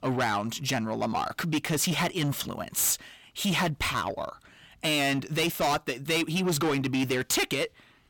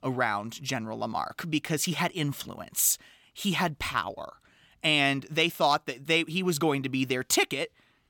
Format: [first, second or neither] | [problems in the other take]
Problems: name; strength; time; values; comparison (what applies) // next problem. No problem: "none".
second | distortion; heavy; 6 dB below the speech